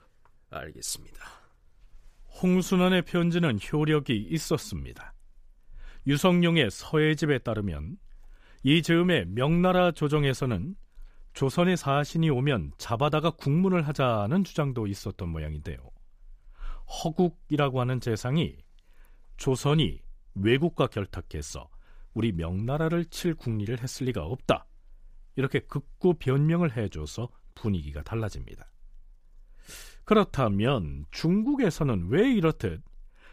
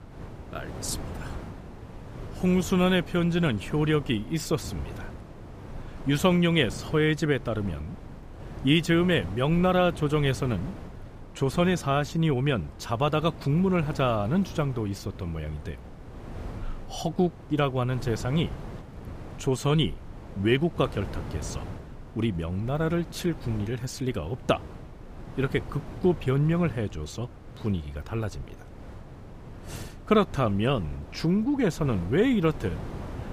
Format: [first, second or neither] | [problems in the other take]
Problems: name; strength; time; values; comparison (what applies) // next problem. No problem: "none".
first | wind noise on the microphone; occasional gusts; 15 dB below the speech